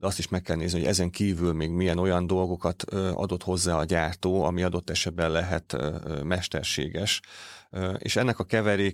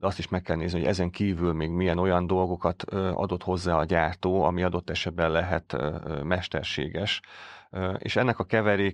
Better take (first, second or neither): first